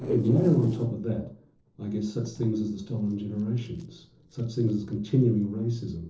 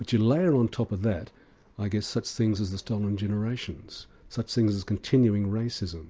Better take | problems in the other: second | noise reduction (neural separator model SepFormer DNS4)

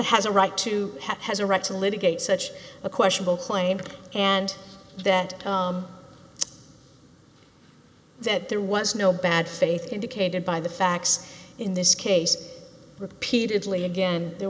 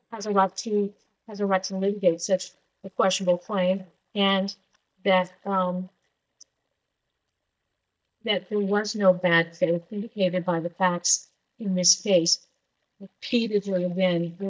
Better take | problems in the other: first | noise reduction (neural mask model DeepFilterNet 3)

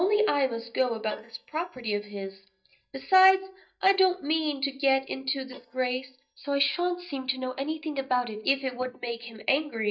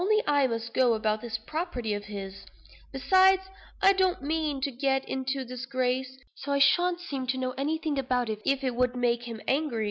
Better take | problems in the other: second | noise reduction (neural mask model DeepFilterNet 3)

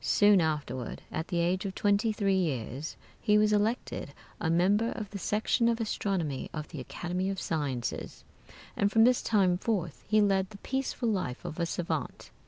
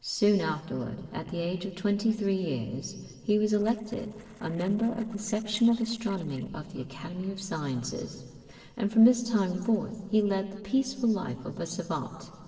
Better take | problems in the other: first | noise reduction (neural separator model SepFormer DNS4)

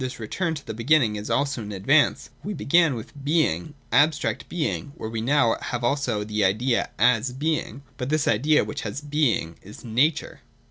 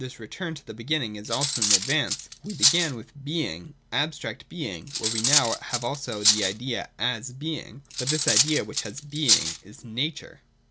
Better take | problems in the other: first | background sound (Cutlery, silverware); 4 dB above the speech

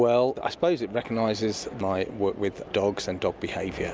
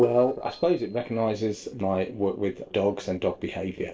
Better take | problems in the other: first | noise reduction (neural separator model SepFormer DNS4)

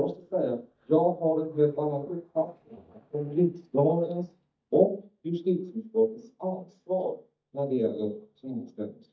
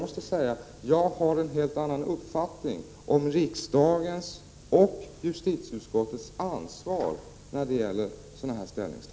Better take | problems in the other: second | noise reduction (neural mask model DeepFilterNet 3)

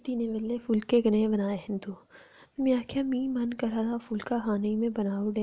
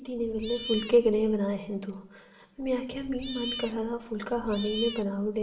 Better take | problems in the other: first | background sound (Cat); 10 dB below the speech // room echo; dies away in 0.9 s

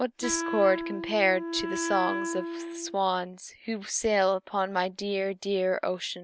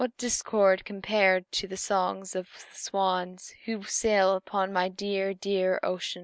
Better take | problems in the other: second | background sound (Wind instrument, woodwind instrument); 5 dB below the speech

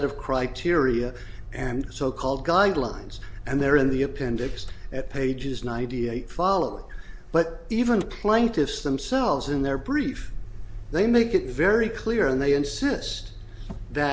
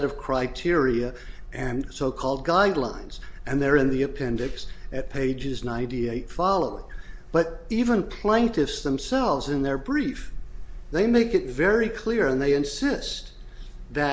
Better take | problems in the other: second | background sound (Motor vehicle (road)); 18 dB below the speech

